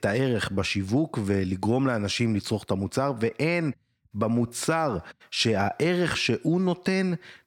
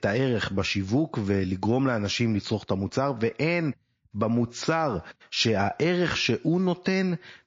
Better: first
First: none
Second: garbled, watery; slightly; nothing above 6 kHz

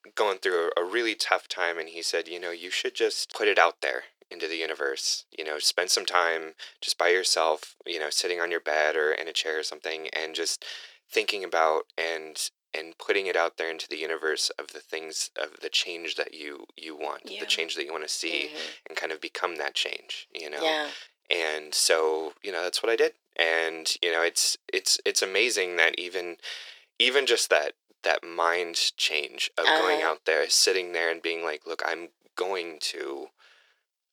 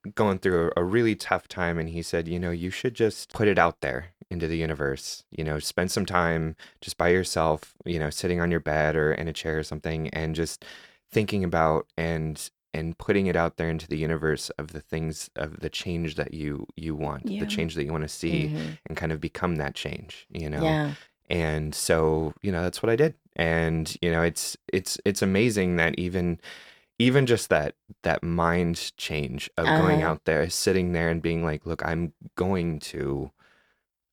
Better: second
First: thin; very; fading below 400 Hz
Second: none

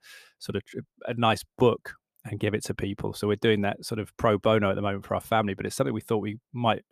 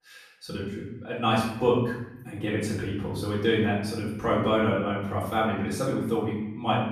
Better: first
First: none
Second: off-mic speech; far // room echo; noticeable; dies away in 0.9 s

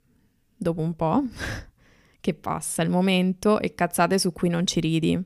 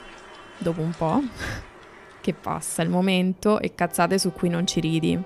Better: first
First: none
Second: train or aircraft noise; faint; throughout; 20 dB below the speech

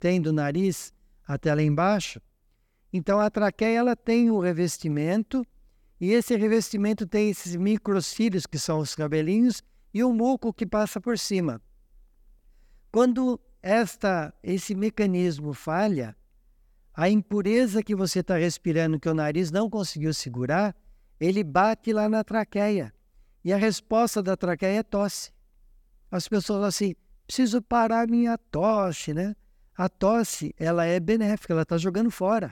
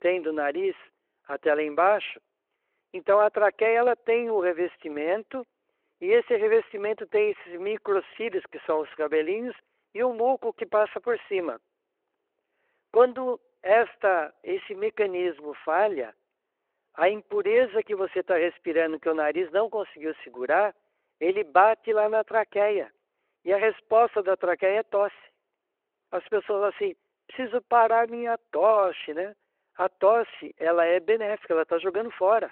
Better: first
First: none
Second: phone-call audio

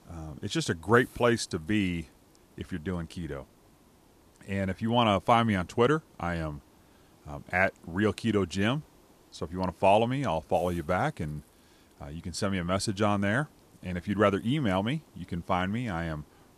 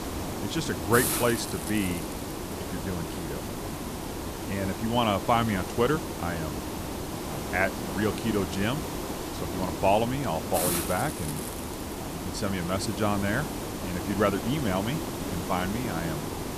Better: first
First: hiss; faint; throughout; 30 dB below the speech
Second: hiss; loud; throughout; 4 dB below the speech

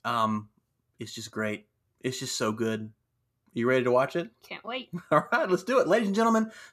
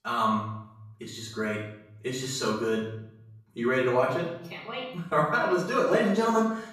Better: first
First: none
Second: off-mic speech; far // room echo; noticeable; dies away in 0.7 s

